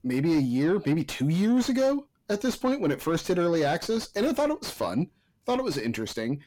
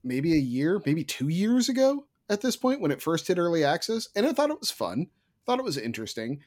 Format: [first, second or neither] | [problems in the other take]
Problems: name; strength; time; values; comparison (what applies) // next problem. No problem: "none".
second | distortion; slight; 10 dB below the speech